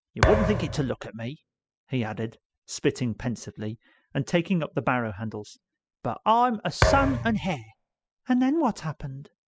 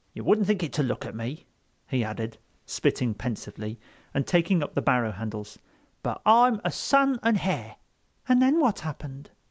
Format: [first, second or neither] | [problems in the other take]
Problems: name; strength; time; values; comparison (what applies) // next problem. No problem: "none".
second | noise reduction (classical method spectral subtraction)